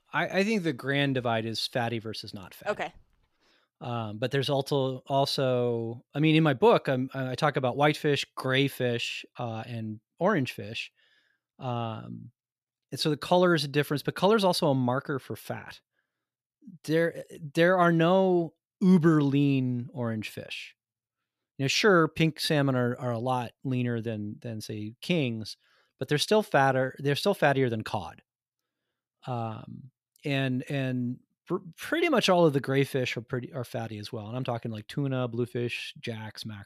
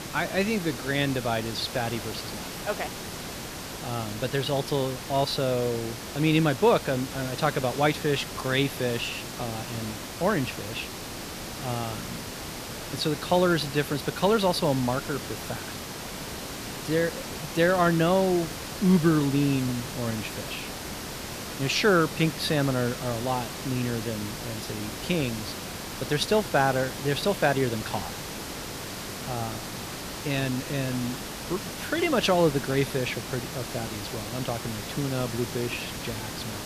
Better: first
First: none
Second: hiss; loud; throughout; 8 dB below the speech

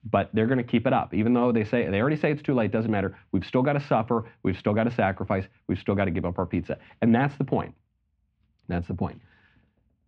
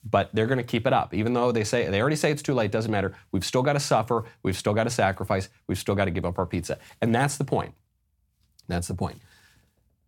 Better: second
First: muffled; very; fading above 3 kHz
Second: none

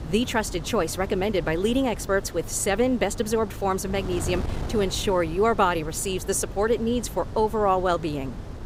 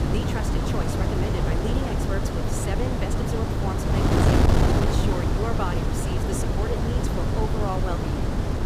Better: first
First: wind noise on the microphone; occasional gusts; 15 dB below the speech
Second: wind noise on the microphone; heavy; 4 dB above the speech

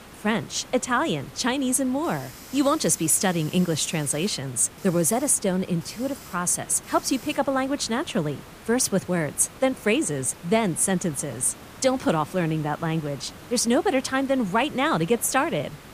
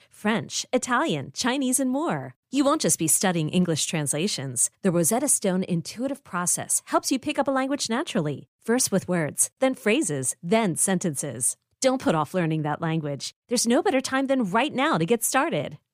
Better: second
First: hiss; noticeable; throughout; 20 dB below the speech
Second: none

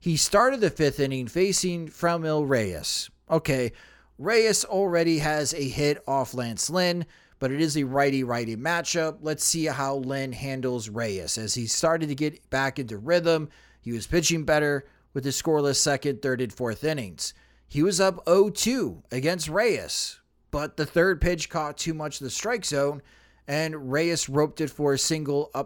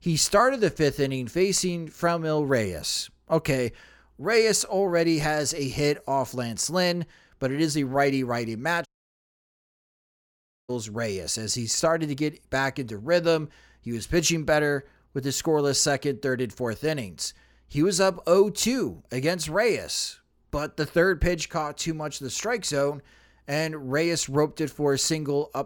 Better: first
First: none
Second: audio cutting out; at 9 s for 2 s

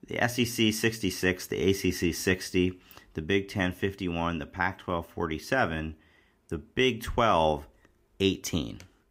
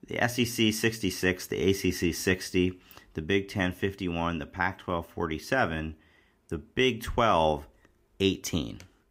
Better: neither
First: none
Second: none

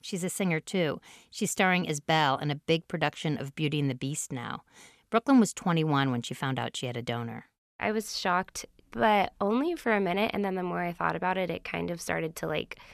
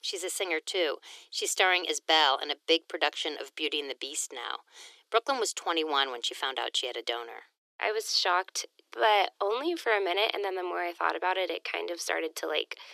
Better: first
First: none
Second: thin; very; fading below 350 Hz

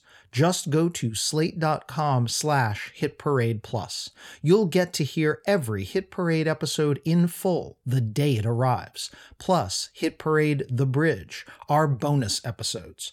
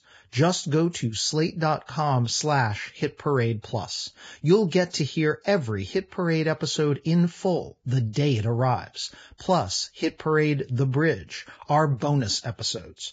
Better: first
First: none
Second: garbled, watery; badly; nothing above 7.5 kHz

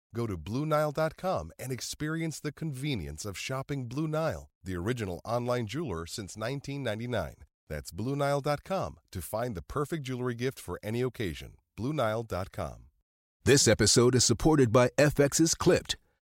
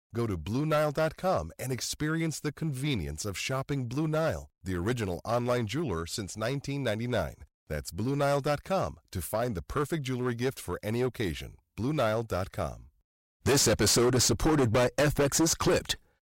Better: first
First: none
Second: distortion; heavy; 9% of the sound clipped

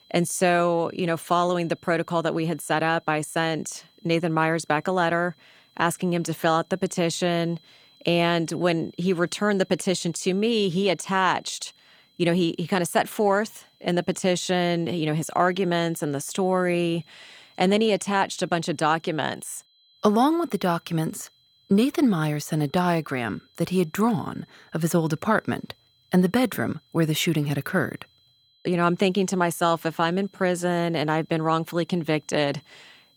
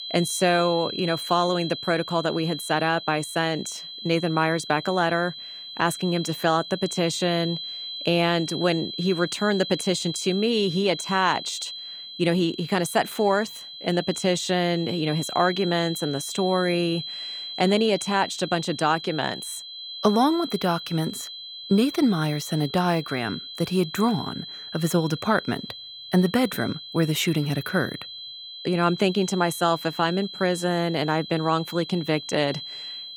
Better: first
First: high-pitched whine; faint; throughout; 4 kHz, 35 dB below the speech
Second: high-pitched whine; loud; throughout; 4 kHz, 10 dB below the speech

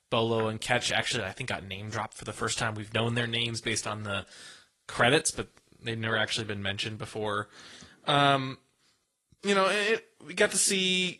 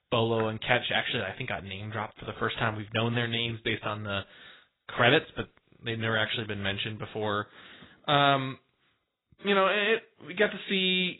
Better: first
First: garbled, watery; slightly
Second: garbled, watery; badly; nothing above 4 kHz

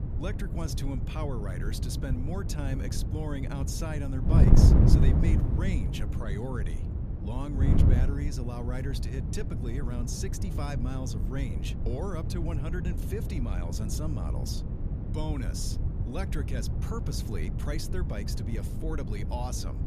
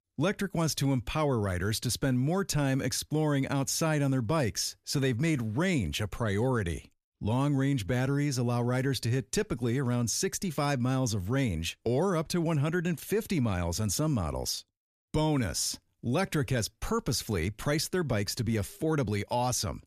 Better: second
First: wind noise on the microphone; heavy; 1 dB below the speech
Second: none

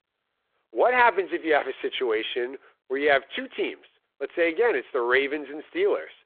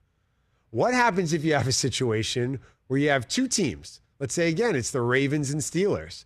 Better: second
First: phone-call audio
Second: none

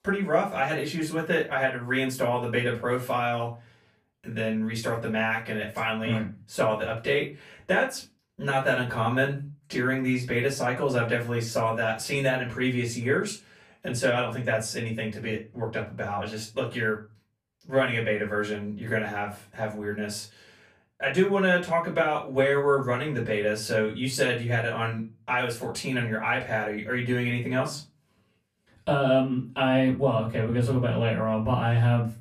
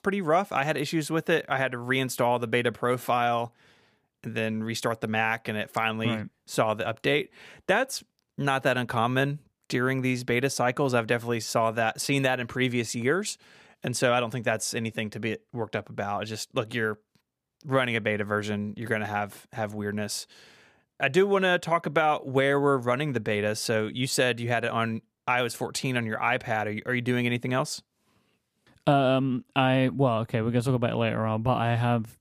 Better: second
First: off-mic speech; far // room echo; very slight; dies away in 0.3 s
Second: none

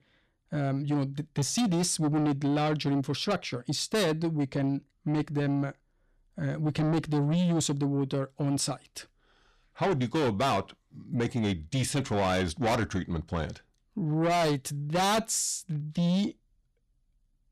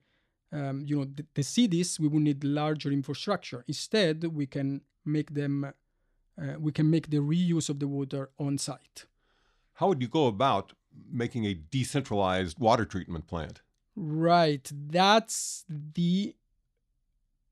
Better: second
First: distortion; heavy; 6 dB below the speech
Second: none

